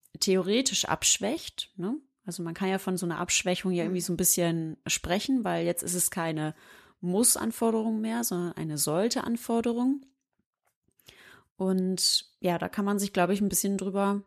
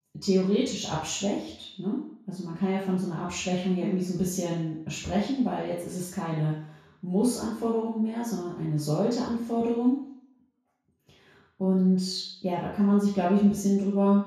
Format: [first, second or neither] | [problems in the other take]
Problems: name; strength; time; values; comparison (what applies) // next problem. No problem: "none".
first | room echo; noticeable; dies away in 0.6 s // off-mic speech; far